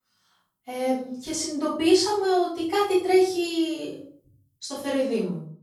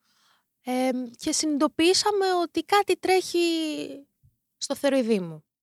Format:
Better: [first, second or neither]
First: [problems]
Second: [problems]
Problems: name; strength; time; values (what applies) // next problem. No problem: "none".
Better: second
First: off-mic speech; far // room echo; noticeable; dies away in 0.4 s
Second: none